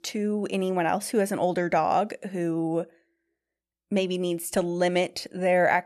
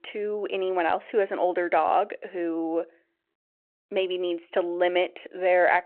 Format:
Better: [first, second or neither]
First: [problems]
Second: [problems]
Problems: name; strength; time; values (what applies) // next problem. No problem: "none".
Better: first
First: none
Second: phone-call audio